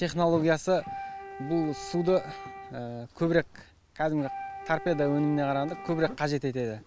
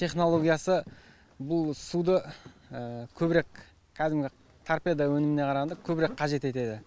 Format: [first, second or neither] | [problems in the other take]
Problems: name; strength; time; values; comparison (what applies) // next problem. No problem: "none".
second | background sound (Wind instrument, woodwind instrument); 14 dB below the speech